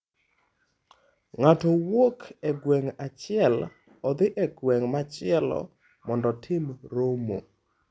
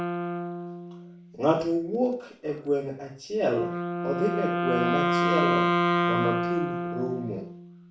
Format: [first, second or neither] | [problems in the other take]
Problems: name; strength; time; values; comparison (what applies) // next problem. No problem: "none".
first | background sound (Wind instrument, woodwind instrument); 1 dB above the speech // room echo; dies away in 0.4 s